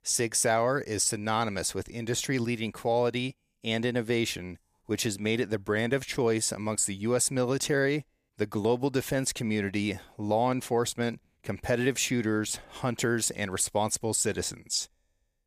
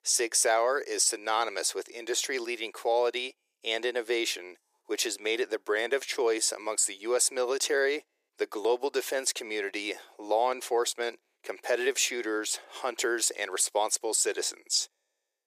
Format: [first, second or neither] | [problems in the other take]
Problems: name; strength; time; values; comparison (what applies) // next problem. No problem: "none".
first | thin; very; fading below 350 Hz